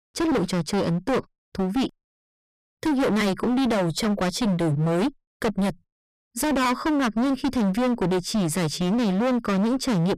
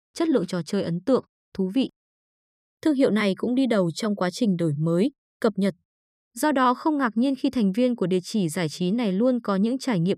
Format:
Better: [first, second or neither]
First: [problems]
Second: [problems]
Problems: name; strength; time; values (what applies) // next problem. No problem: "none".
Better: second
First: distortion; heavy; 31% of the sound clipped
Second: none